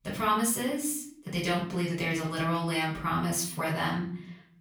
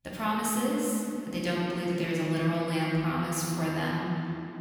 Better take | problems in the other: first | room echo; strong; dies away in 3 s; slight in the first // off-mic speech; far; far in the first

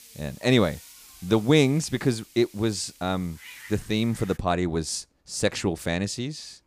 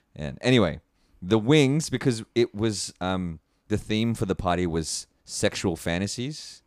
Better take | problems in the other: second | hiss; faint; until 4.5 s; 20 dB below the speech

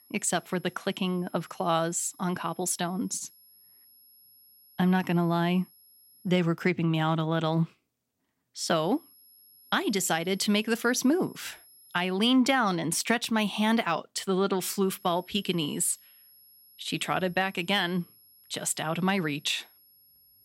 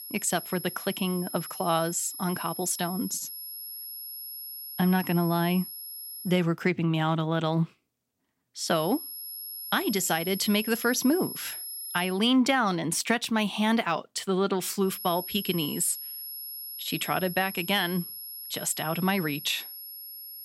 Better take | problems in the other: first | high-pitched whine; loud; until 6.5 s, from 8.5 to 12 s and from 15 s on; 11.5 kHz, 9 dB below the speech; faint in the first

